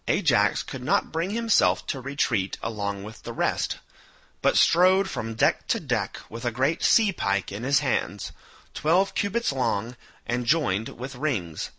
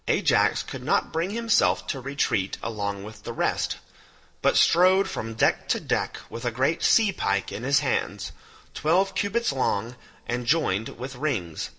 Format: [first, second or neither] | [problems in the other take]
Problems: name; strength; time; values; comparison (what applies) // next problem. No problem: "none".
first | room echo; dies away in 0.5 s